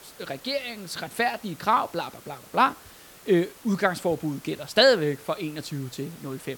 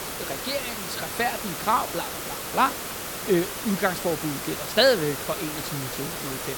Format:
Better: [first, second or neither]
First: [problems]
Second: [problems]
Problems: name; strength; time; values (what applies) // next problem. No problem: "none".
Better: first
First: hiss; faint; throughout; 20 dB below the speech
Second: hiss; loud; throughout; 5 dB below the speech